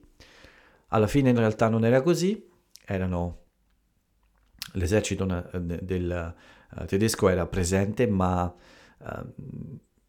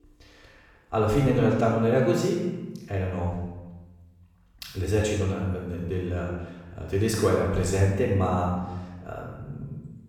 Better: first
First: none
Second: room echo; noticeable; dies away in 1 s // off-mic speech; far

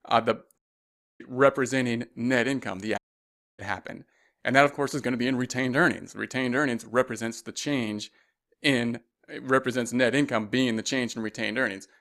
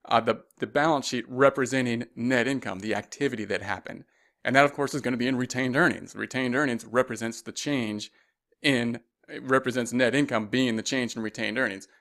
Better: second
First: audio cutting out; at 0.5 s for 0.5 s and at 3 s for 0.5 s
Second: none

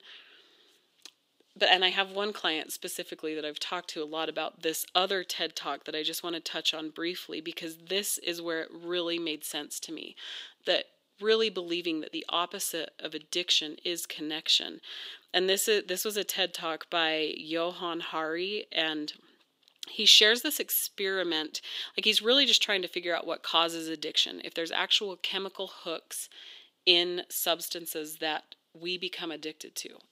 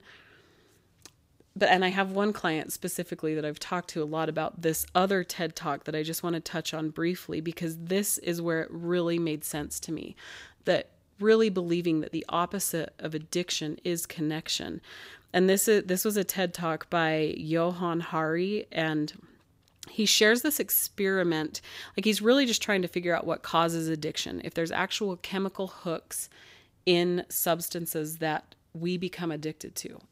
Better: second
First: thin; somewhat; fading below 300 Hz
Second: none

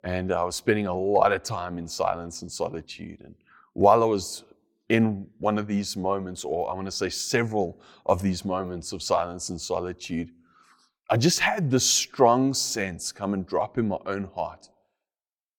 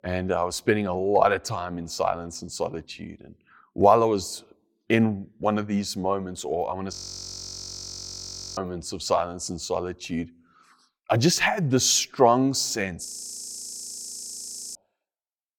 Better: first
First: none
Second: audio freezing; at 7 s for 1.5 s and at 13 s for 1.5 s

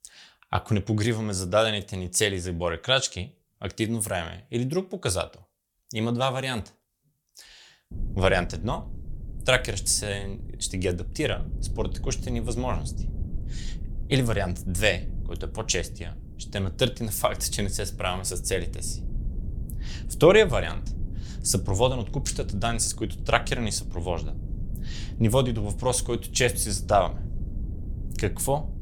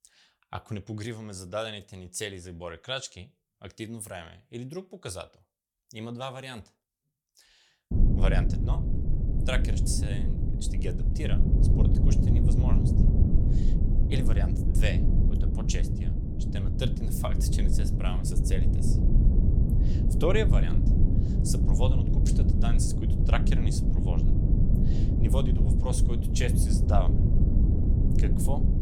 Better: first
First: low rumble; faint; from 8 s on; 25 dB below the speech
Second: low rumble; loud; from 8 s on; 2 dB below the speech

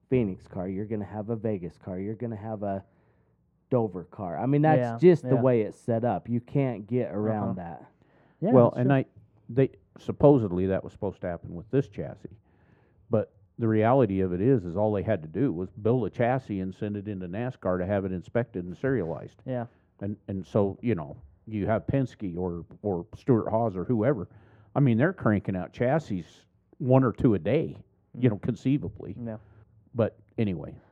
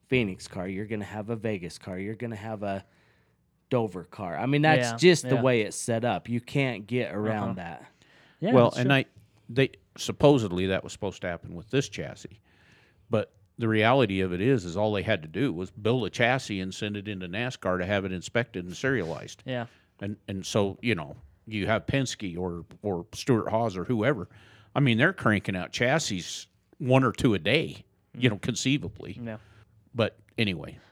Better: second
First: muffled; very; fading above 2 kHz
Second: none

